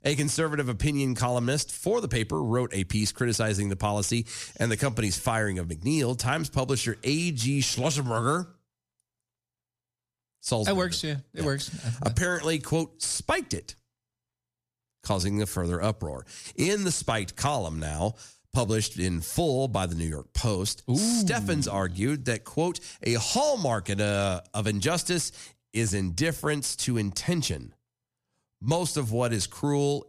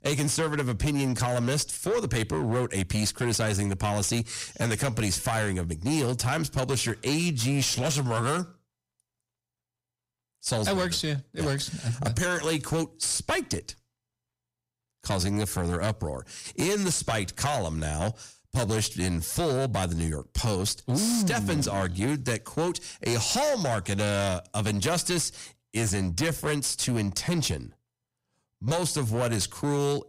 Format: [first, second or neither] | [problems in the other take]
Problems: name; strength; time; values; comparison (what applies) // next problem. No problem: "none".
first | distortion; slight; 12% of the sound clipped